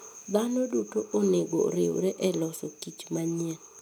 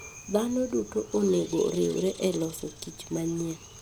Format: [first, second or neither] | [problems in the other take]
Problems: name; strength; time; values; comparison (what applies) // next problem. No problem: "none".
first | background sound (Bird); 19 dB below the speech